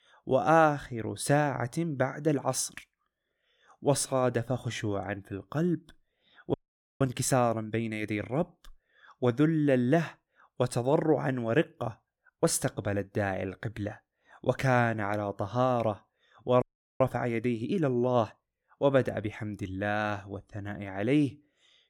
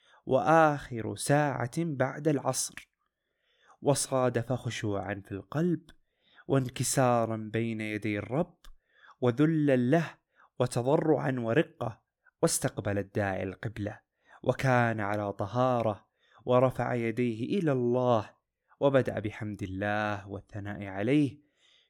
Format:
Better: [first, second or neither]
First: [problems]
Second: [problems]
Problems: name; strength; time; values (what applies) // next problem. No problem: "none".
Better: second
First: audio freezing; at 6.5 s and at 17 s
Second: none